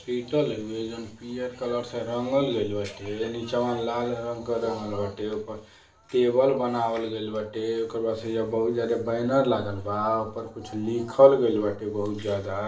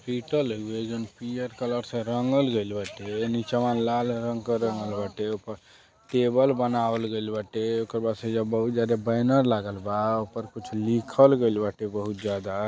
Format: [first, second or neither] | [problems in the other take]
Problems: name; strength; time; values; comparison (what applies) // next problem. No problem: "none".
second | room echo; dies away in 0.3 s